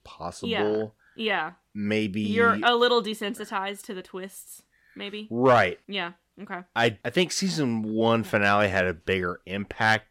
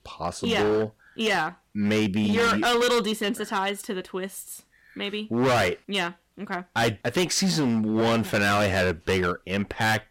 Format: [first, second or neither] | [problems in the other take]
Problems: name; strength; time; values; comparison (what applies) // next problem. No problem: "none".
first | distortion; heavy; 14% of the sound clipped